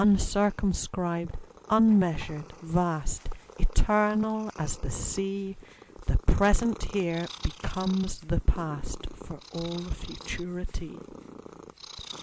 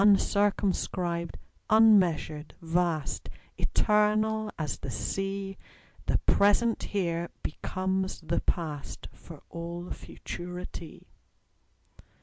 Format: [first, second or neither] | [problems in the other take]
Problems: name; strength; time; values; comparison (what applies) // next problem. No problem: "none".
second | background sound (Purr); 20 dB below the speech